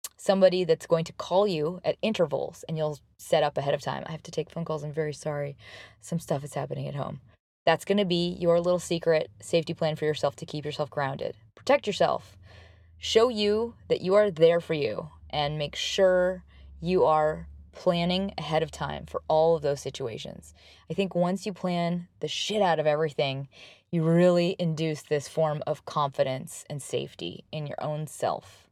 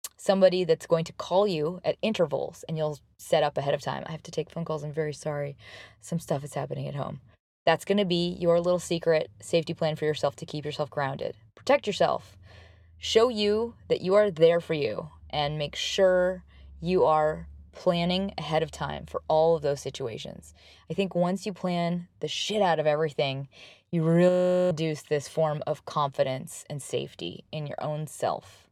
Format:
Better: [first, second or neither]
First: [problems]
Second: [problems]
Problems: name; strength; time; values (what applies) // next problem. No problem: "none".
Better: first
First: none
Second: audio freezing; at 24 s